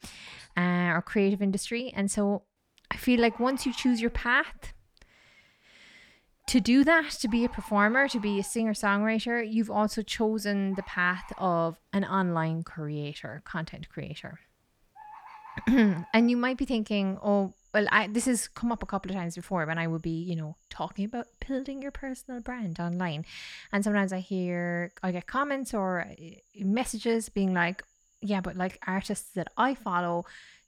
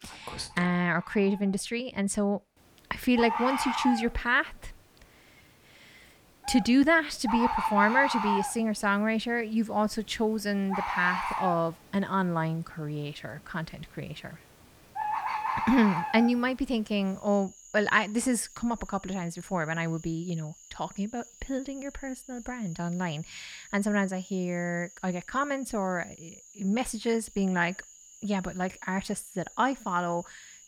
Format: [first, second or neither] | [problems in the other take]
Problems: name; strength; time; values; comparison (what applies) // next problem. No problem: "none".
first | animal sounds; loud; throughout; 4 dB below the speech; faint in the first